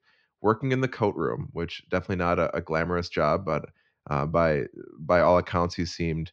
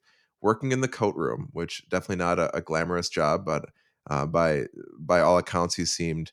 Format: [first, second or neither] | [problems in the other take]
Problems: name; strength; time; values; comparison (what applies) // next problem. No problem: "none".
second | muffled; slightly; fading above 4 kHz